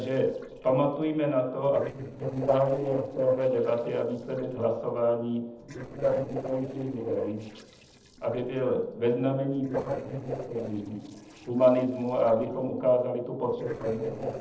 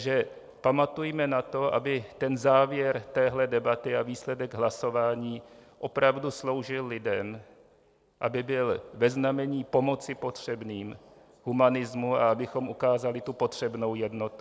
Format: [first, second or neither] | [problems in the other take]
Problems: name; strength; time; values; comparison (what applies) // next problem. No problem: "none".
second | noise reduction (neural separator model SepFormer DNS4)